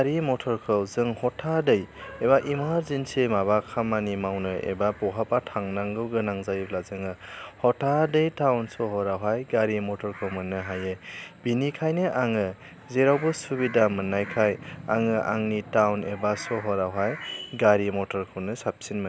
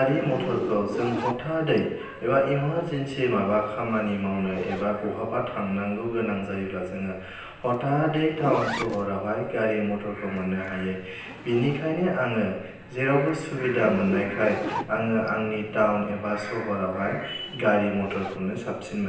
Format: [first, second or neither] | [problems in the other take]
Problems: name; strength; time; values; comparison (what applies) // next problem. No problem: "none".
first | background sound (Zipper (clothing)); 12 dB below the speech // room echo; dies away in 0.9 s